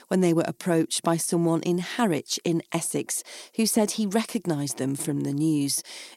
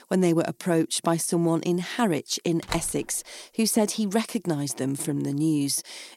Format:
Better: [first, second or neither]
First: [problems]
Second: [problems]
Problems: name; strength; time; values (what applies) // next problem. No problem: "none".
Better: first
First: none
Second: door banging; noticeable; at 2.5 s; peak 9 dB below the speech